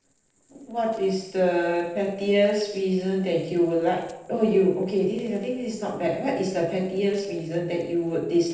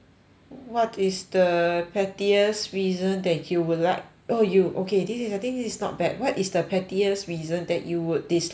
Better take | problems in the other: second | noise reduction (neural separator model SepFormer DNS4)

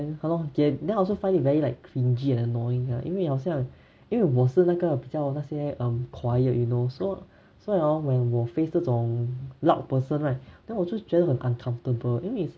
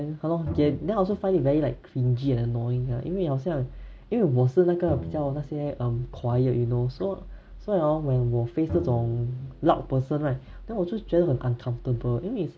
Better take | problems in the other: first | background sound (Bowed string instrument); 14 dB below the speech

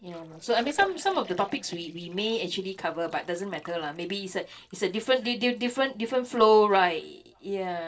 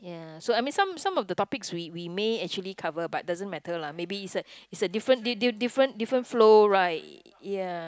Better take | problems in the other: second | noise reduction (neural separator model SepFormer DNS4)

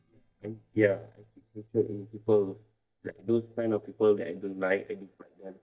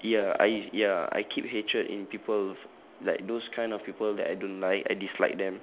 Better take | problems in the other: second | noise reduction (neural mask model DeepFilterNet 3)

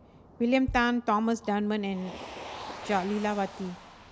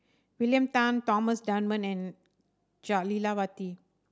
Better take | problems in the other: second | background sound (Bass drum + Motor vehicle (road)); 14 dB below the speech

